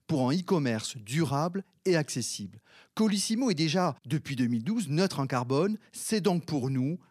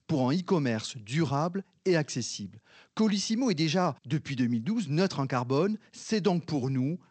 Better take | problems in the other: first | garbled, watery; slightly; nothing above 8 kHz

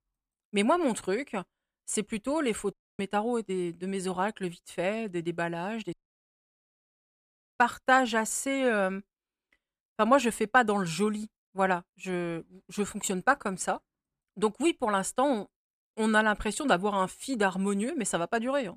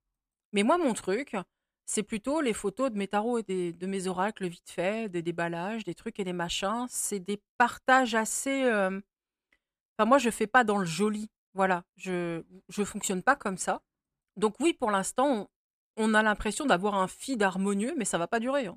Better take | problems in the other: second | audio cutting out; at 2.5 s and at 6 s for 1.5 s

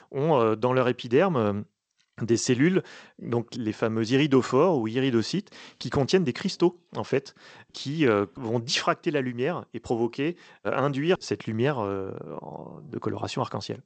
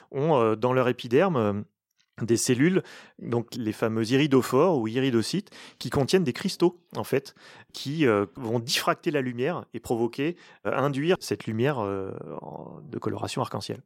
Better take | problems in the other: second | garbled, watery; slightly; nothing above 8 kHz

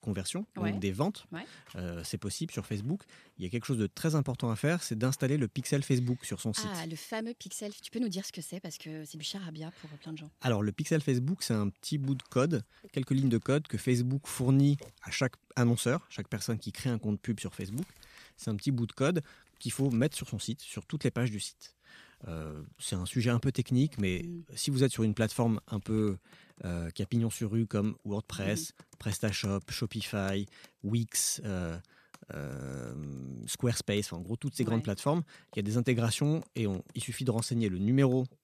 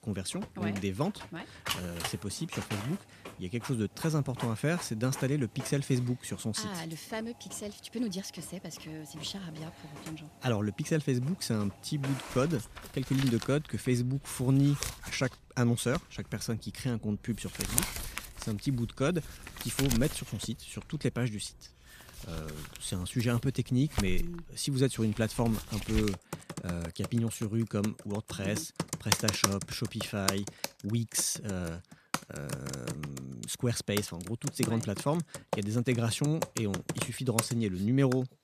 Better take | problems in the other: first | household noises; loud; throughout; 6 dB below the speech; faint in the first

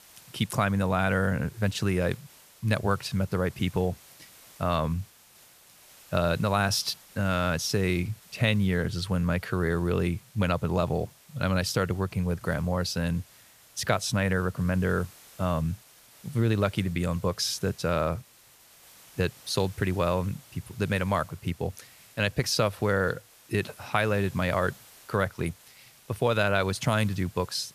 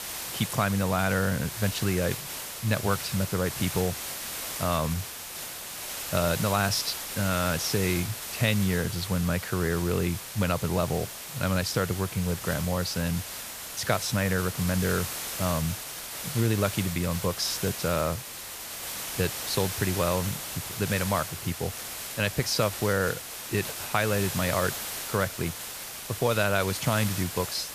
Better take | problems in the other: first | hiss; loud; throughout; 6 dB below the speech; faint in the first

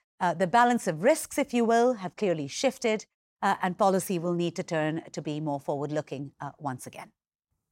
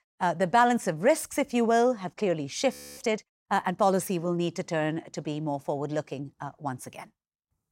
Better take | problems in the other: first | audio freezing; at 2.5 s

